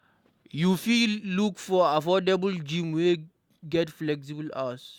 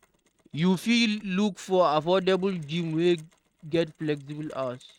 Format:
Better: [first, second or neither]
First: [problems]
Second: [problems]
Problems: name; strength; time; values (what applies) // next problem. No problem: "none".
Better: first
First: none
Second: noise reduction (neural mask model RNNoise)